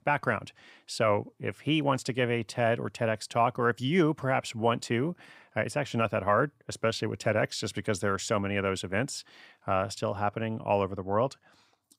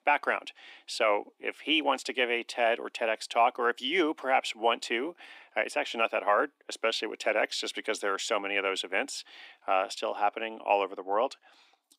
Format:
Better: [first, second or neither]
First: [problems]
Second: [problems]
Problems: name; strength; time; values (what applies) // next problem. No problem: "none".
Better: first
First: none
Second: thin; somewhat; fading below 300 Hz